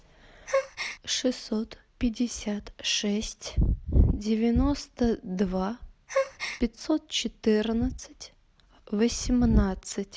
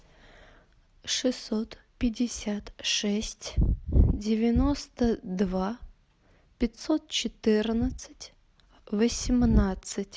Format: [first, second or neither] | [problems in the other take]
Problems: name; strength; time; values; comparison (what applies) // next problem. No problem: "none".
second | background sound (Gasp); 9 dB below the speech